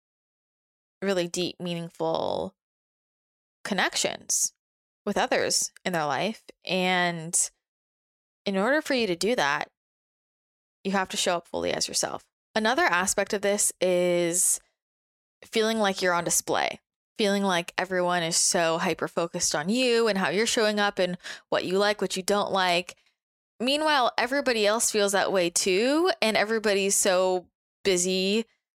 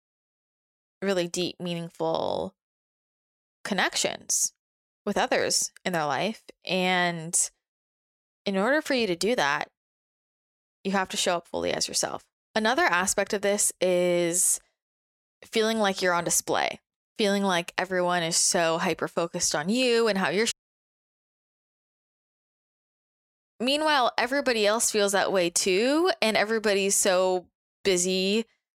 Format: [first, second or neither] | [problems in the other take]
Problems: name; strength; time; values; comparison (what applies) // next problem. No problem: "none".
first | audio cutting out; at 21 s for 3 s